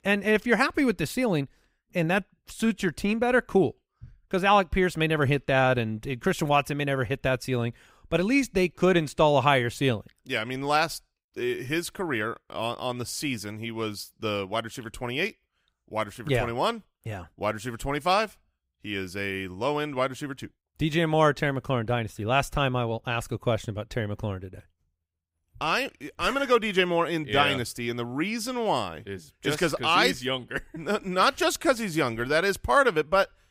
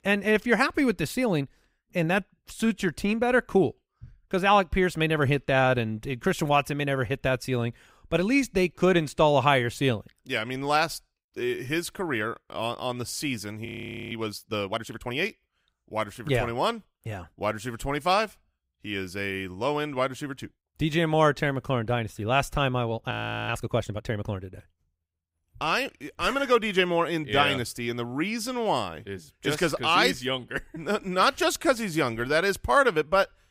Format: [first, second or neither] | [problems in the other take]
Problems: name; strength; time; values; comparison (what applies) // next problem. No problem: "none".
first | audio freezing; at 14 s and at 23 s